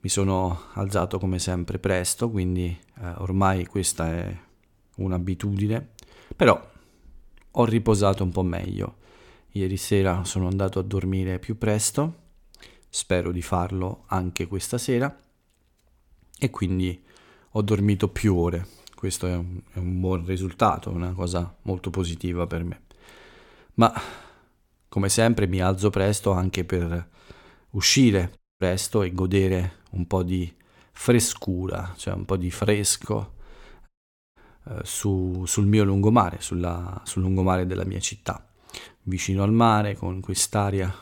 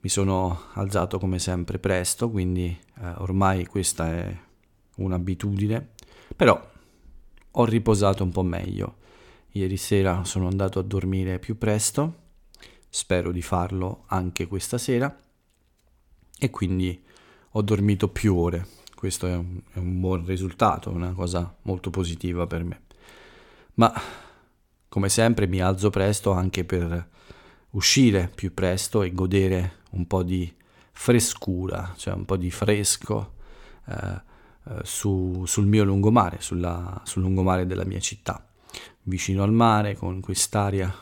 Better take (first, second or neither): second